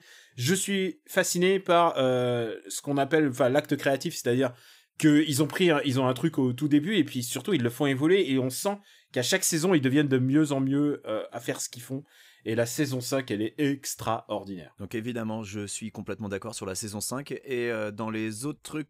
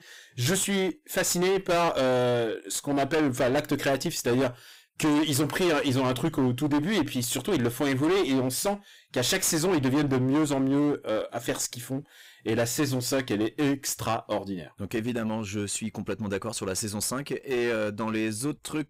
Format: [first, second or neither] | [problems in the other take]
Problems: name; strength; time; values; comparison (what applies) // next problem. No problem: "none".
first | distortion; heavy; 18% of the sound clipped